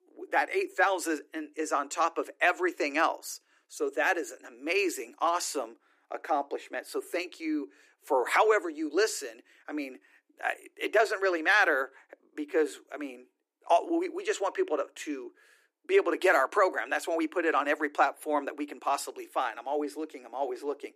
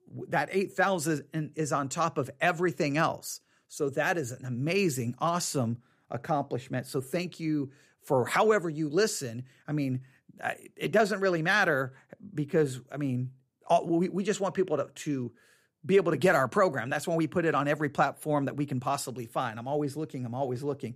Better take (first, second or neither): second